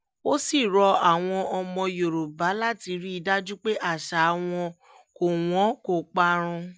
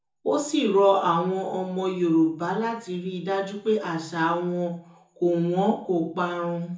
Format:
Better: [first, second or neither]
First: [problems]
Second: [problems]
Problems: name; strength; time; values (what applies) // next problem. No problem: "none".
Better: first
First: none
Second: room echo; dies away in 0.6 s